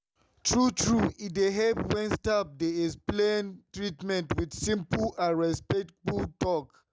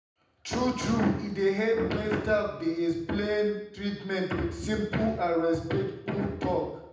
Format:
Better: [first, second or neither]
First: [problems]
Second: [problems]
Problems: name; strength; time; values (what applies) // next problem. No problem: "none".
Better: first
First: none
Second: room echo; dies away in 0.8 s